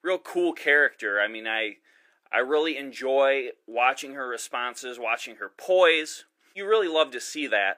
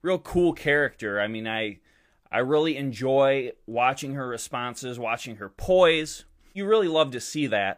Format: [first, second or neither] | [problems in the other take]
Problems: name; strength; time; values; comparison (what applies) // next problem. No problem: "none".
second | thin; somewhat; fading below 300 Hz